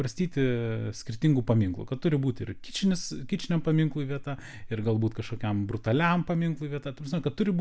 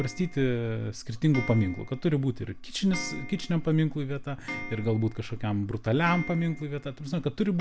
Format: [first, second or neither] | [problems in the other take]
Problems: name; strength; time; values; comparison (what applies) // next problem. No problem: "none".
first | background sound (Clock); 15 dB below the speech